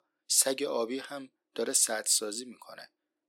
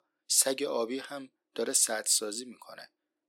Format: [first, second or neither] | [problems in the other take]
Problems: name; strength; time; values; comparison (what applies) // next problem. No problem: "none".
neither | thin; somewhat; fading below 350 Hz; the same in both